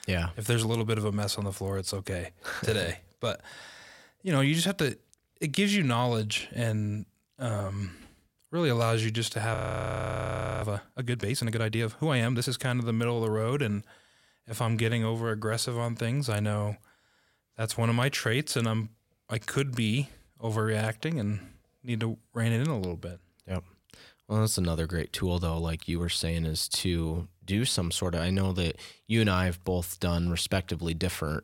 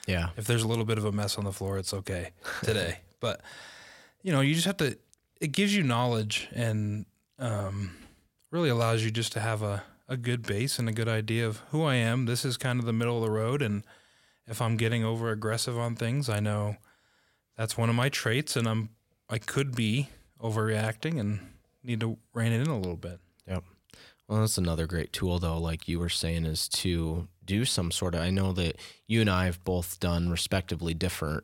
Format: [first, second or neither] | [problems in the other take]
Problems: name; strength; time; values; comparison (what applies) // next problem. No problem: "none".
second | audio freezing; at 9.5 s for 1 s